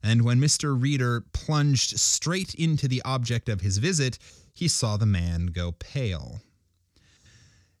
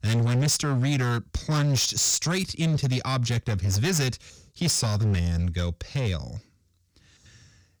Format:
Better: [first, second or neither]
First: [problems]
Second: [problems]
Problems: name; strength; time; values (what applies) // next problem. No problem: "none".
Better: first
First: none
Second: distortion; slight; 15% of the sound clipped